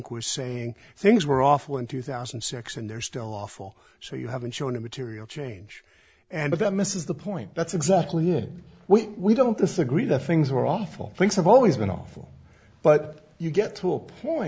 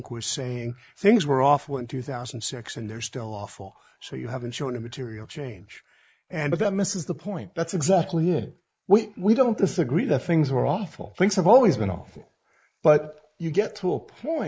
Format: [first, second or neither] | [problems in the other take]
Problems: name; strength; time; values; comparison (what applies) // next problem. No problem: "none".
first | noise reduction (neural mask model Resemble Enhance denoiser)